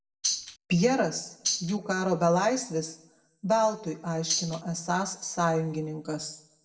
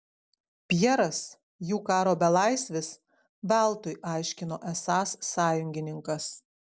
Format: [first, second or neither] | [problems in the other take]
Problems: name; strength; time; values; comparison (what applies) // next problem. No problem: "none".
second | background sound (Tambourine); 1 dB below the speech // room echo; dies away in 0.6 s